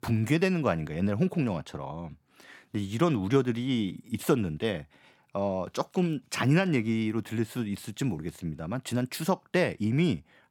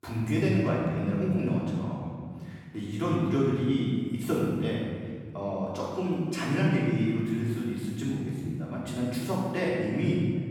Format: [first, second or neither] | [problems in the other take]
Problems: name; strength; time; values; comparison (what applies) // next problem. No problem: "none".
first | room echo; strong; dies away in 1.9 s // off-mic speech; far